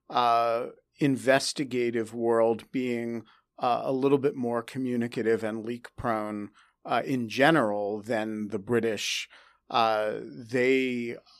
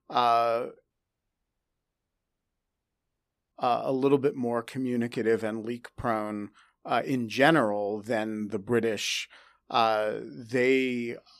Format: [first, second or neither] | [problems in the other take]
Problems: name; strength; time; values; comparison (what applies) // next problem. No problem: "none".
first | audio cutting out; at 1 s for 2.5 s